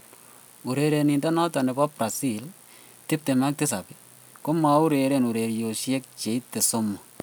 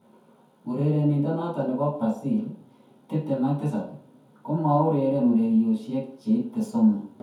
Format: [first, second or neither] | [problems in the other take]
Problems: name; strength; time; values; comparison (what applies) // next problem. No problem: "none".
first | room echo; dies away in 0.6 s